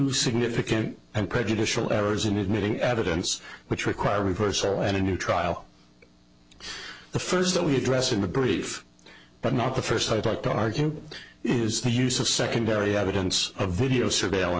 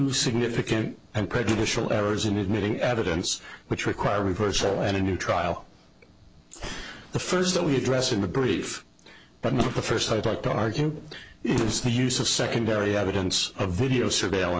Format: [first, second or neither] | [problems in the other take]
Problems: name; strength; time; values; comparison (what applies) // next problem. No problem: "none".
first | noise reduction (neural mask model Resemble Enhance denoiser)